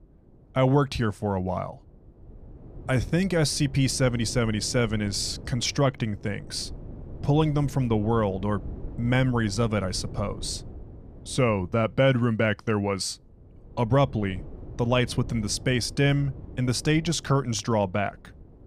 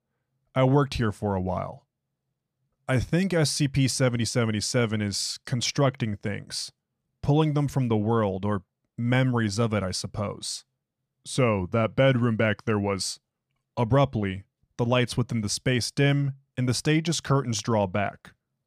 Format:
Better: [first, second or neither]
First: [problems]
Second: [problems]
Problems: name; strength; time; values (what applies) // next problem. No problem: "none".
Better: second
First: wind noise on the microphone; occasional gusts; 20 dB below the speech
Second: none